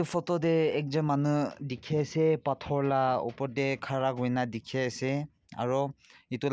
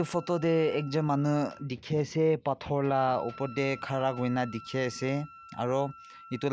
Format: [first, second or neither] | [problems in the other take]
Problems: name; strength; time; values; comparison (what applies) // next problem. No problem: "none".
first | background sound (Wind instrument, woodwind instrument); 20 dB below the speech